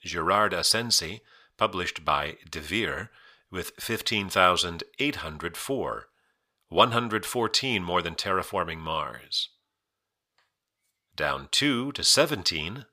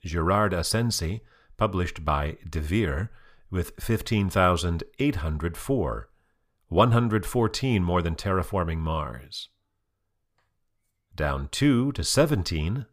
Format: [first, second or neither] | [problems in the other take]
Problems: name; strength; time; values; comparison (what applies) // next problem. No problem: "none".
second | thin; somewhat; fading below 550 Hz